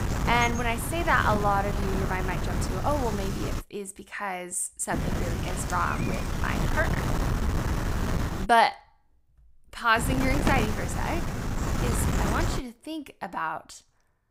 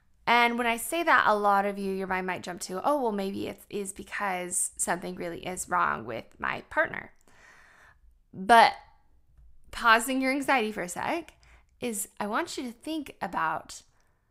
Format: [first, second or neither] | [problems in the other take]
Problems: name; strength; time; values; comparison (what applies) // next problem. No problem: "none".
second | wind noise on the microphone; heavy; until 3.5 s, from 5 to 8.5 s and from 10 to 13 s; 7 dB below the speech